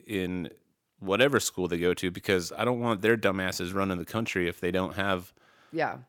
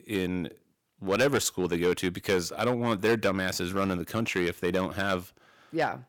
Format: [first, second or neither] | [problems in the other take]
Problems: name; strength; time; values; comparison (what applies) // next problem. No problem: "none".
first | distortion; slight; 4% of the sound clipped